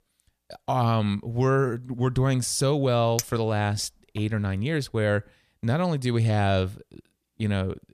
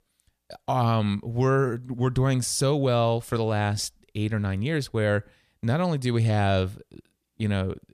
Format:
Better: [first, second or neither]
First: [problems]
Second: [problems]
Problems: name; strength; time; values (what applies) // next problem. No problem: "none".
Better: second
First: clattering dishes; noticeable; at 3 s; peak 7 dB below the speech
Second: none